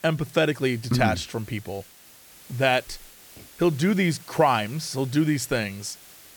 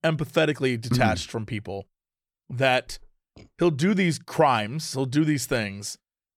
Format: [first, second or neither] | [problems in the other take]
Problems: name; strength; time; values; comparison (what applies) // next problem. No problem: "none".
second | hiss; faint; throughout; 20 dB below the speech